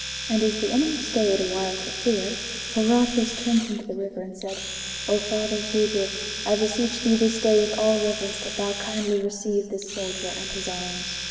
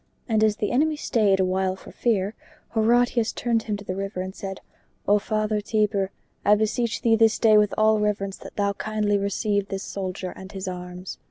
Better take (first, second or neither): second